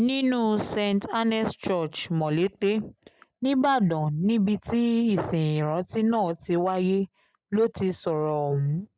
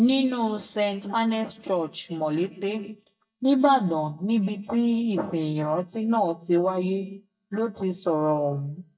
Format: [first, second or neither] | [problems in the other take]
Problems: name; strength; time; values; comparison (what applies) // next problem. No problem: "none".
first | noise reduction (neural mask model DeepFilterNet 3)